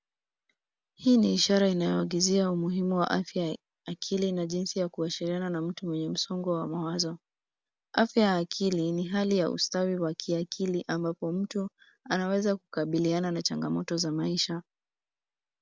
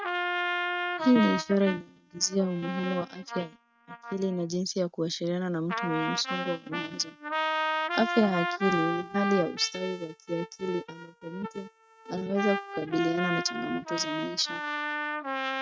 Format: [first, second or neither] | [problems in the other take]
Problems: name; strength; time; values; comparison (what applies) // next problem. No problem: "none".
first | noise reduction (neural mask model RNNoise)